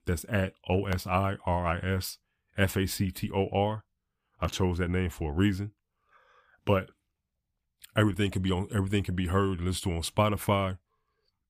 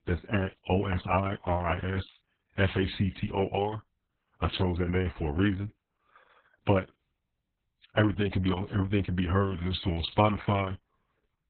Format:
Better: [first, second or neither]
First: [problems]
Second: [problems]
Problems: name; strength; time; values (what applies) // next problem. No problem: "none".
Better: first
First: none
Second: garbled, watery; badly; nothing above 4 kHz